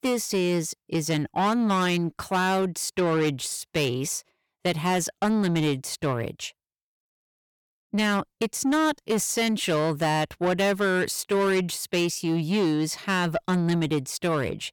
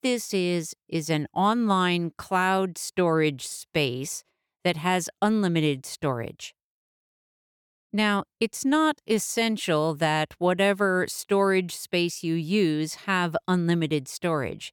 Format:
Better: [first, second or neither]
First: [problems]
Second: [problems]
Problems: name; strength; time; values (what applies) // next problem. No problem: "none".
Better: second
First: distortion; slight; 10 dB below the speech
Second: none